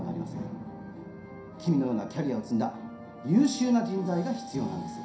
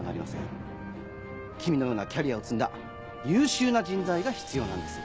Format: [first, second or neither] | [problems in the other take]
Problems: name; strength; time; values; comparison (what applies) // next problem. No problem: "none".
second | room echo; dies away in 0.5 s